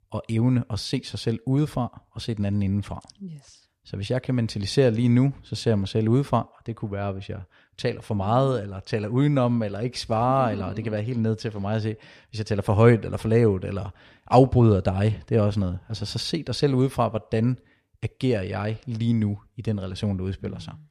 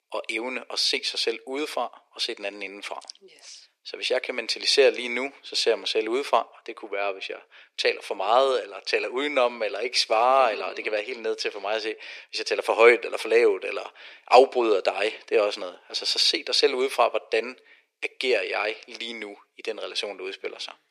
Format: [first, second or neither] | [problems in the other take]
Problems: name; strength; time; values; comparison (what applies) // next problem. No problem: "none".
first | thin; very; fading below 350 Hz